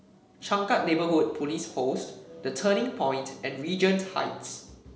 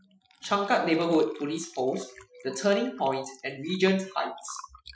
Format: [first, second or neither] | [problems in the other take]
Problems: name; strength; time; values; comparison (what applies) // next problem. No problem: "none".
first | noise reduction (classical method Wiener filter)